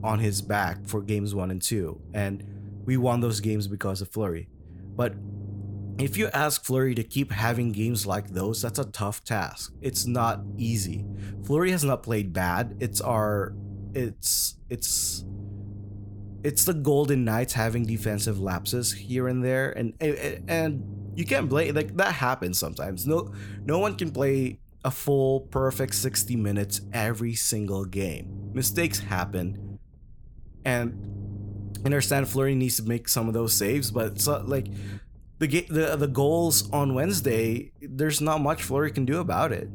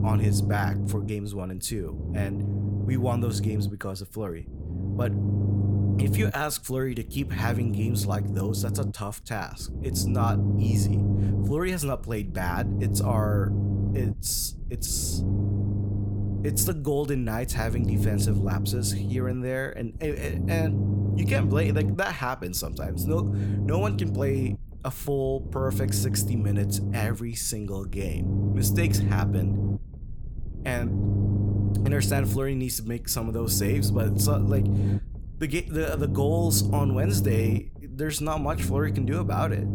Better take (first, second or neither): first